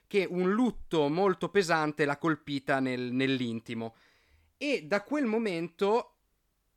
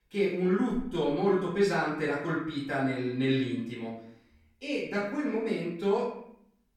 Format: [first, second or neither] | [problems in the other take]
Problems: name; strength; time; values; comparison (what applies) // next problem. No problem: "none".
first | off-mic speech; far // room echo; noticeable; dies away in 0.6 s